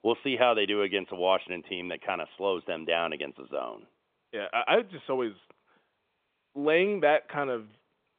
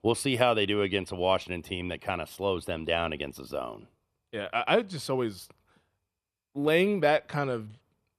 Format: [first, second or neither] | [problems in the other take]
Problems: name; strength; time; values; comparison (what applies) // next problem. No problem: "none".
second | phone-call audio; nothing above 3.5 kHz